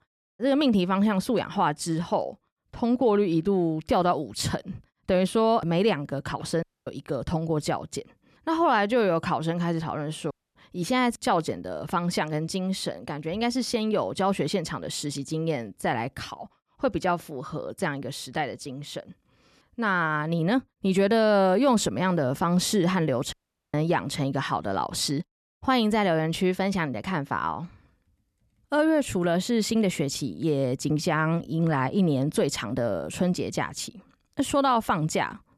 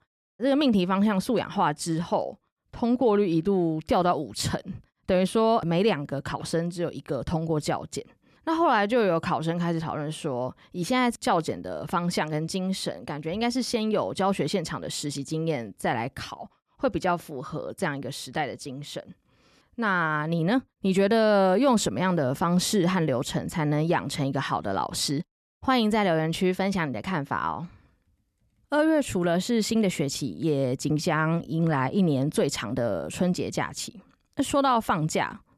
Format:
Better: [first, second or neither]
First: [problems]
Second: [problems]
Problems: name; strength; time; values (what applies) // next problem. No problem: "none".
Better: second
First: audio cutting out; at 6.5 s, at 10 s and at 23 s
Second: none